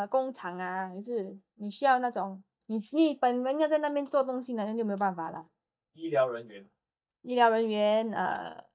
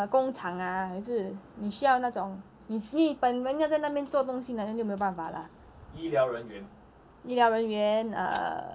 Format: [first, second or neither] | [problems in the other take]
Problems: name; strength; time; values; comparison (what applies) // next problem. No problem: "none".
second | noise reduction (neural mask model DeepFilterNet 3)